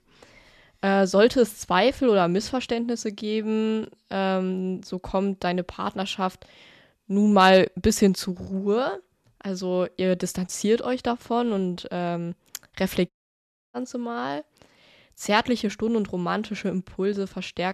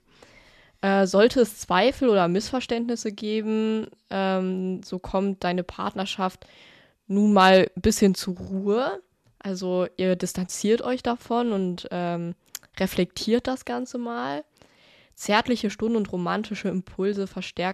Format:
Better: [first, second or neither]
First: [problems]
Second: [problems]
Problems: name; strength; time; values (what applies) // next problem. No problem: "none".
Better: second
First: audio cutting out; at 13 s for 0.5 s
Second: none